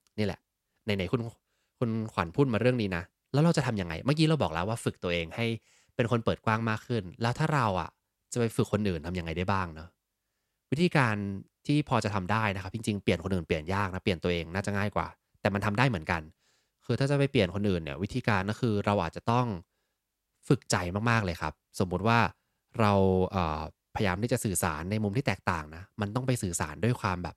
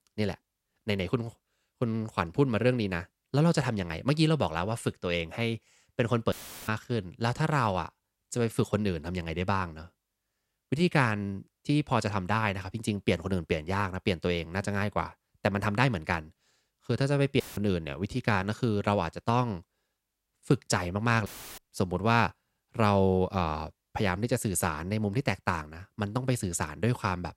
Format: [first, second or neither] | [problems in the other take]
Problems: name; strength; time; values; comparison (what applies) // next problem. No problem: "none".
first | audio cutting out; filled with static; at 6.5 s, at 17 s and at 21 s